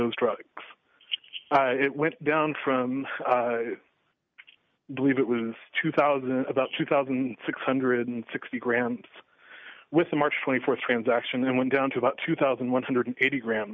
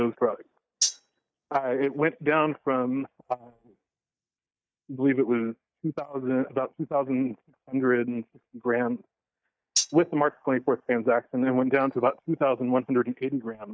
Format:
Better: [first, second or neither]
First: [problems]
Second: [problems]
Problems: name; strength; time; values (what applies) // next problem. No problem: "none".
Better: first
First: none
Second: noise reduction (neural mask model DeepFilterNet 3)